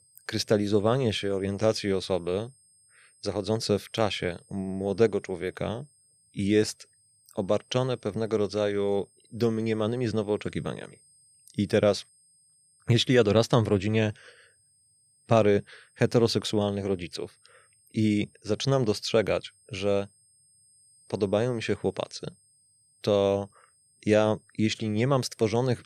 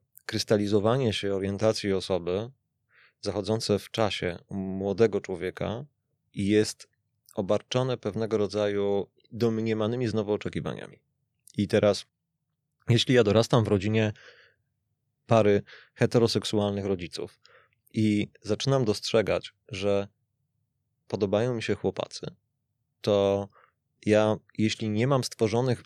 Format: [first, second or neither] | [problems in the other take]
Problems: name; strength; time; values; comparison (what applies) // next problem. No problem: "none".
second | high-pitched whine; faint; throughout; 8.5 kHz, 30 dB below the speech